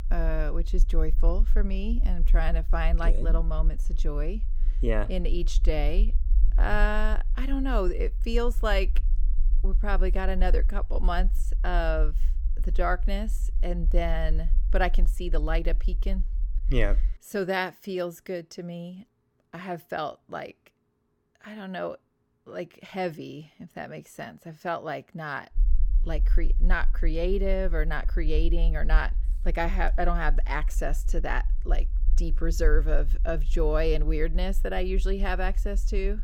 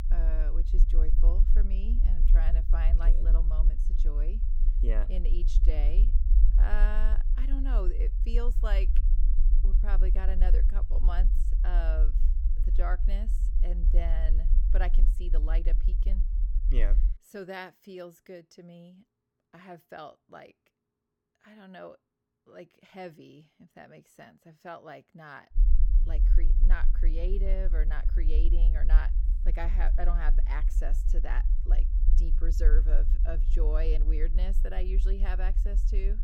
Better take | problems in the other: first | low rumble; loud; until 17 s and from 26 s on; 10 dB below the speech; faint in the first

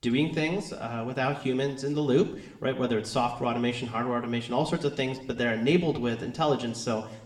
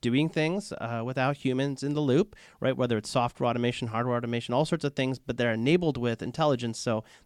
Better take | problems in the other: second | room echo; slight; dies away in 0.8 s

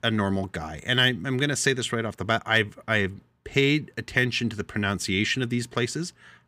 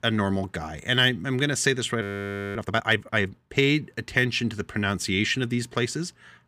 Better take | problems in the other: first | audio freezing; at 2 s for 0.5 s

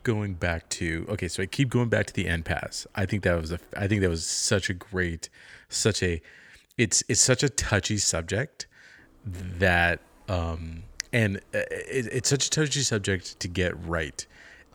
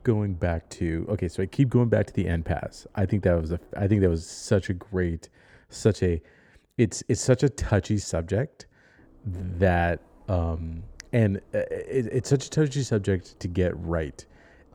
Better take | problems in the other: first | muffled; slightly; fading above 1 kHz

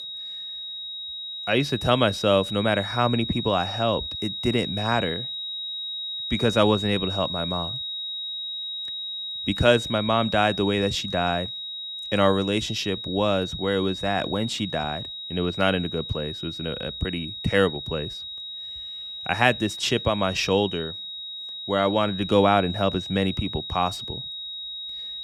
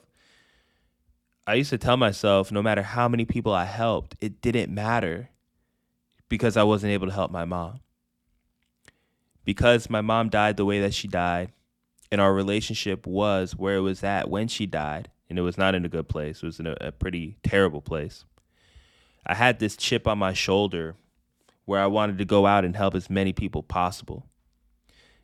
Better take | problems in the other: second | high-pitched whine; loud; throughout; 4 kHz, 7 dB below the speech

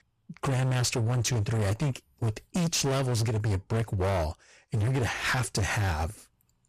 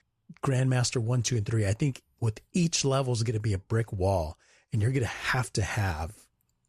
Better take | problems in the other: second | distortion; heavy; 26% of the sound clipped

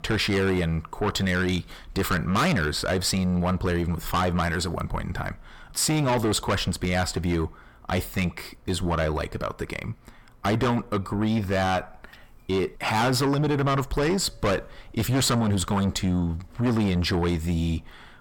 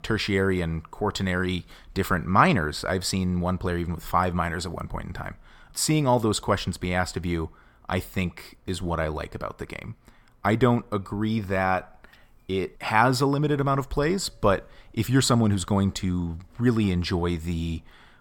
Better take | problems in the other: second | distortion; heavy; 6 dB below the speech

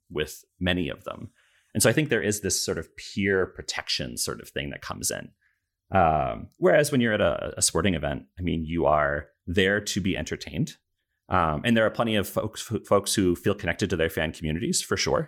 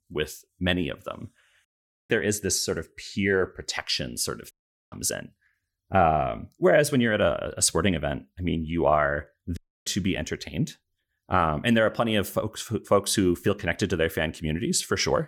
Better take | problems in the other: first | audio cutting out; at 1.5 s, at 4.5 s and at 9.5 s

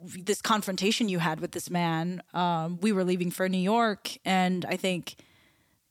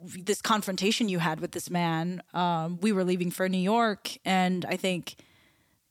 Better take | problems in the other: neither | none

